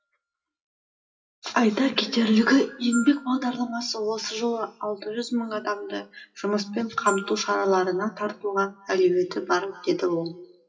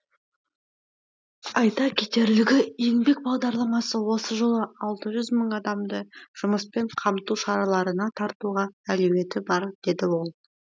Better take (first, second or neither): second